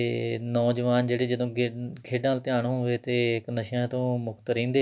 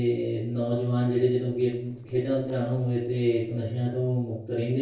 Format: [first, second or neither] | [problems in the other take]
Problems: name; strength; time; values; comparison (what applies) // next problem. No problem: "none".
first | noise reduction (neural separator model SepFormer DNS4)